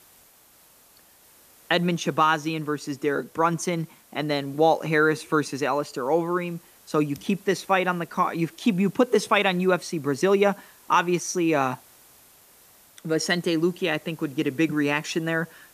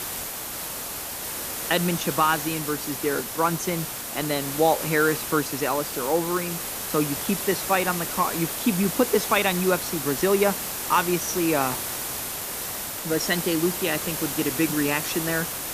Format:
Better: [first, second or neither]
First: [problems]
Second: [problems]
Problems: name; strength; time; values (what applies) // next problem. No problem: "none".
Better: first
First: hiss; faint; throughout; 25 dB below the speech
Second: hiss; loud; throughout; 4 dB below the speech